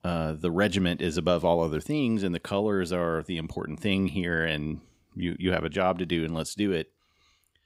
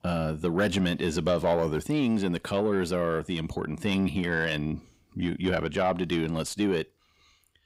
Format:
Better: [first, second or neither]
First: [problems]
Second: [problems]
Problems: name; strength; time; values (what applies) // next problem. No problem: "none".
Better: first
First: none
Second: distortion; slight; 10 dB below the speech